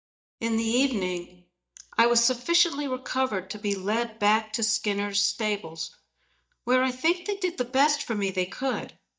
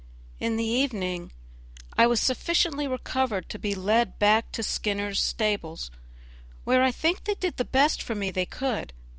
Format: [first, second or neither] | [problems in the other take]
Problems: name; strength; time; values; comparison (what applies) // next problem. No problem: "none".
second | noise reduction (neural mask model DeepFilterNet 3)